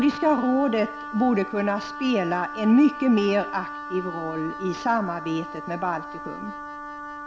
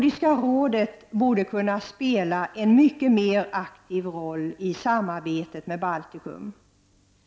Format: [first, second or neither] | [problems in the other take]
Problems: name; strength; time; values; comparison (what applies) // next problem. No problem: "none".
second | background sound (Wind instrument, woodwind instrument); 11 dB below the speech